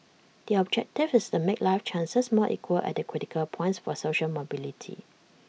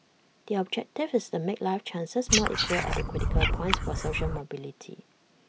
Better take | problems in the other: first | background sound (Frog); 4 dB above the speech

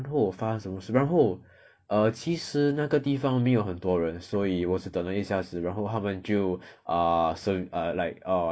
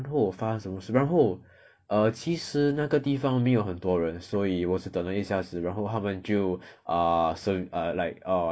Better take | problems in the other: second | noise reduction (neural mask model Resemble Enhance denoiser)

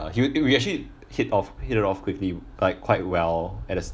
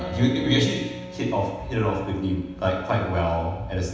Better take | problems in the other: first | background sound (Bowed string instrument); 15 dB below the speech // room echo; dies away in 1.1 s

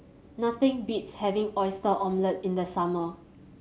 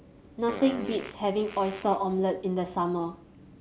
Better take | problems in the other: first | background sound (Fart); 13 dB below the speech

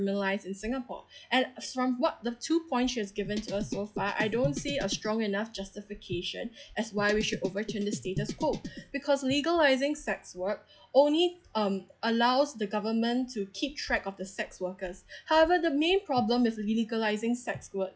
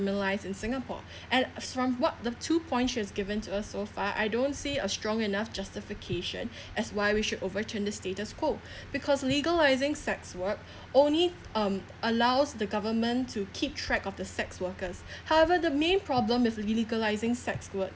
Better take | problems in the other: second | noise reduction (classical method log-MMSE)

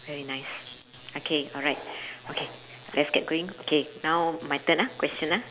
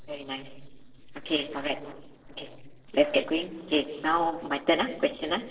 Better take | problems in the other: first | noise reduction (neural separator model SepFormer DNS4)

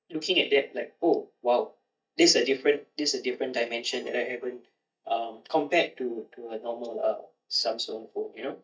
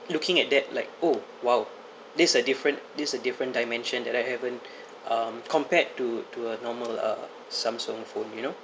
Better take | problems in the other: second | noise reduction (neural mask model DeepFilterNet 3)

